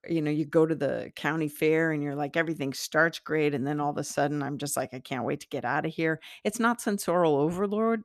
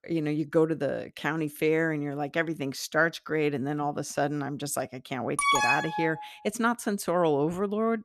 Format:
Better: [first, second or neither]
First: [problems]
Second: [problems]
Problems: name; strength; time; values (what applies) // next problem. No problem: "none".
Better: first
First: none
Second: alarm; loud; at 5.5 s; peak 6 dB above the speech